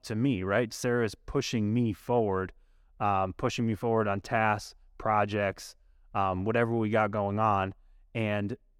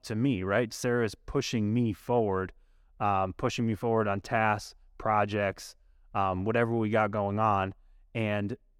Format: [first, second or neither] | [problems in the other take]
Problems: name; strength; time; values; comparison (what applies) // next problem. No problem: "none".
neither | none